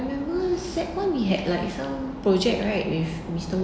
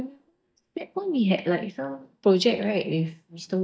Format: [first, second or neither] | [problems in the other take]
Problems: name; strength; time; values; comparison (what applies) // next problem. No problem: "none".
first | noise reduction (neural mask model DeepFilterNet 3)